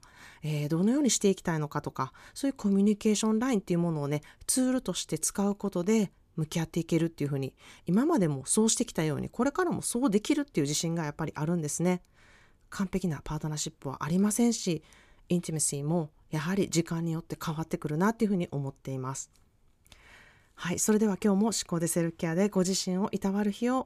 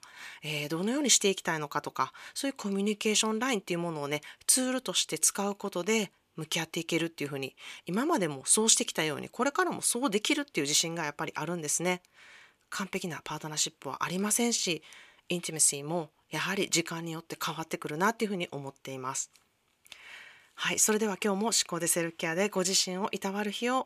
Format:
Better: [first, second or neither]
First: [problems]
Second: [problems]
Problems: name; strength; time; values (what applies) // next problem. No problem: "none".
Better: first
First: none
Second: thin; somewhat; fading below 750 Hz